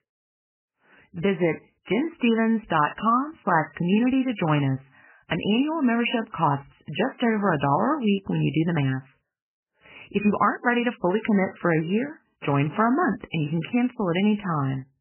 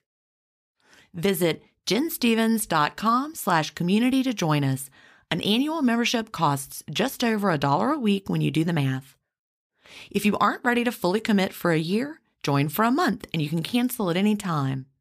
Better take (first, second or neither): second